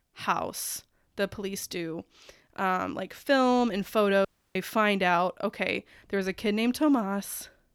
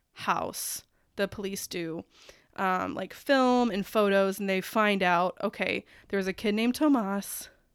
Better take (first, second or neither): second